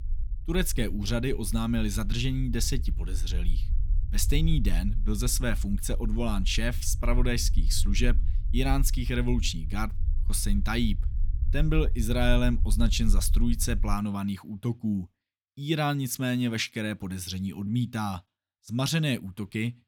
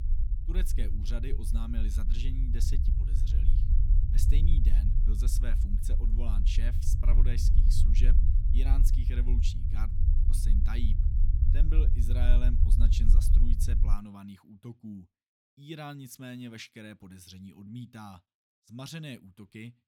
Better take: first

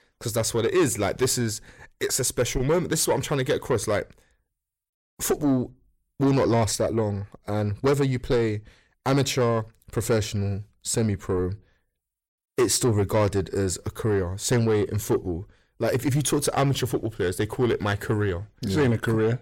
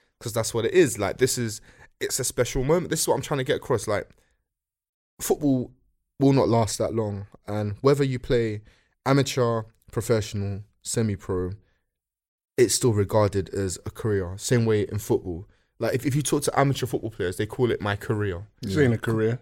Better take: second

